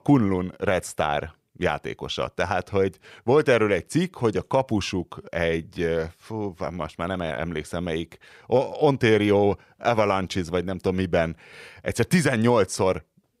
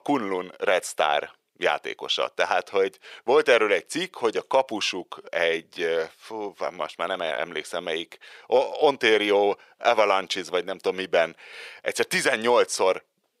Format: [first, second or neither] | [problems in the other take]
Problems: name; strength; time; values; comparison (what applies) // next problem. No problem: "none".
first | thin; somewhat; fading below 500 Hz